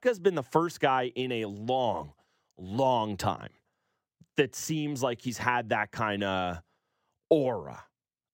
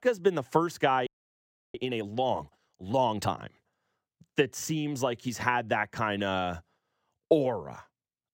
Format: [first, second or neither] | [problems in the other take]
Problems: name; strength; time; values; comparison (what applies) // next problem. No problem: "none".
first | audio freezing; at 1 s for 0.5 s